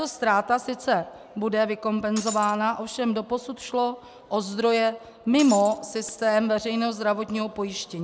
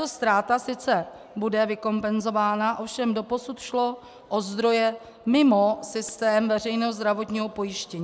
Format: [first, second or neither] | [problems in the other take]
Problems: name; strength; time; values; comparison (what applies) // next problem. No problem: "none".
second | background sound (Shatter); 11 dB below the speech